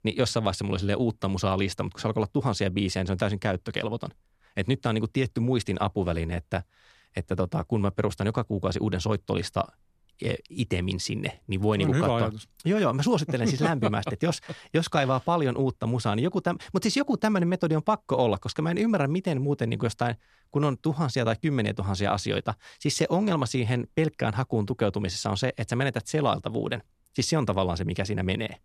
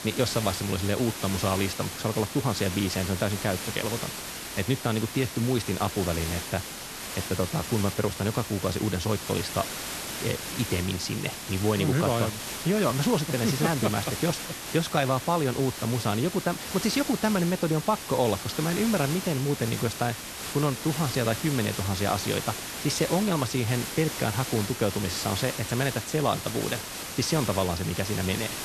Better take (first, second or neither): first